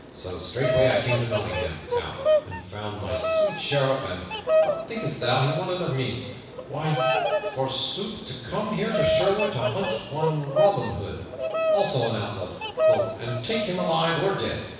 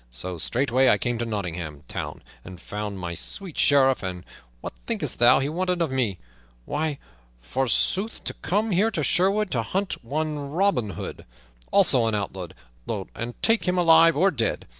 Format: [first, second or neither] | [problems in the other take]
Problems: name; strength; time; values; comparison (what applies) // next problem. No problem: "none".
second | background sound (Bird vocalization, bird call, bird song); 1 dB above the speech // room echo; dies away in 1.1 s